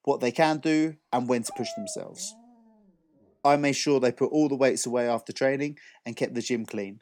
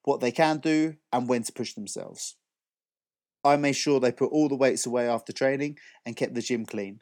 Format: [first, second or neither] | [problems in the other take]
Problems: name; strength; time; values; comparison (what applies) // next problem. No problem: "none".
second | dog barking; faint; from 1.5 to 3 s; peak 15 dB below the speech